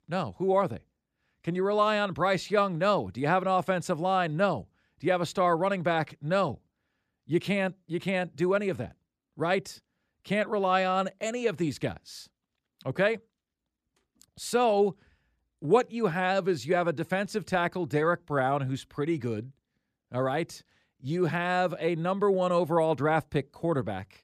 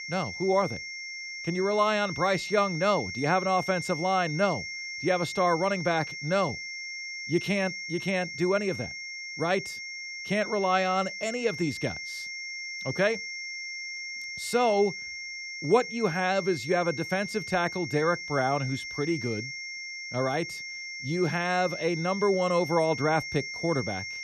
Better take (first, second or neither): first